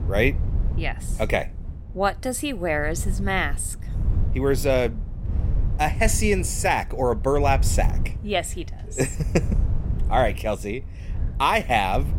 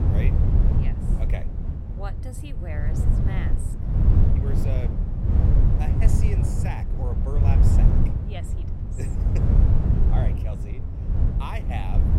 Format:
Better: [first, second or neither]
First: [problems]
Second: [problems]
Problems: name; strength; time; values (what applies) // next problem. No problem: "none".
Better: first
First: wind noise on the microphone; occasional gusts; 20 dB below the speech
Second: wind noise on the microphone; heavy; 2 dB above the speech